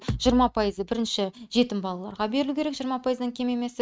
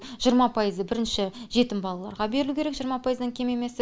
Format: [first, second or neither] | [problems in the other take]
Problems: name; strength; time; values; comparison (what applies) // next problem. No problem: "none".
second | noise reduction (neural mask model RNNoise)